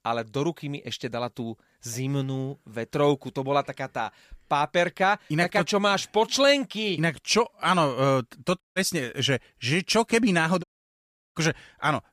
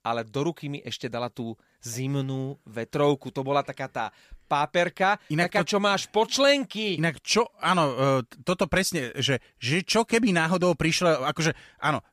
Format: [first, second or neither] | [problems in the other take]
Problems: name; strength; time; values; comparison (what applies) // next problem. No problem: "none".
second | audio cutting out; at 8.5 s and at 11 s for 0.5 s